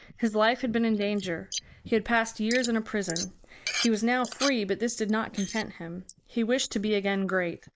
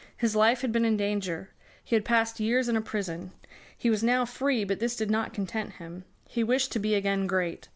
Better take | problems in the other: second | noise reduction (neural mask model Resemble Enhance denoiser)

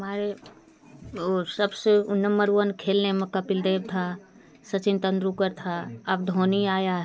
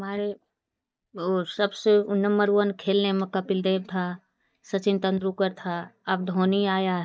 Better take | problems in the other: first | noise reduction (neural mask model DeepFilterNet 3)

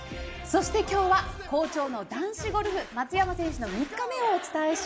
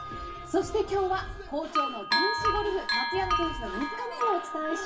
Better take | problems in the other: first | background sound (Bell); 1 dB below the speech // room echo; dies away in 0.1 s

